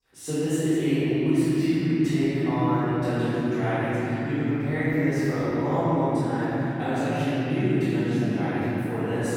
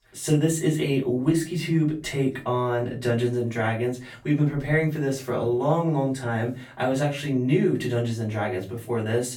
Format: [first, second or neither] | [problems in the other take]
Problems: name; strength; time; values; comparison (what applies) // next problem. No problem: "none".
second | room echo; strong; dies away in 3 s; slight in the second // off-mic speech; far; far in the second